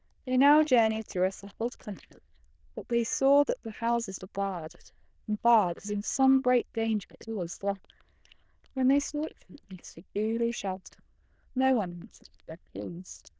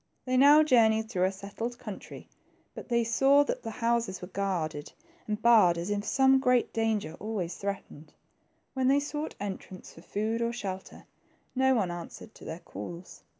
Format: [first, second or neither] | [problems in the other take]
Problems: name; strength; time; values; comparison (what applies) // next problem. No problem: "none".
second | noise reduction (neural diffusion model UNIVERSE++)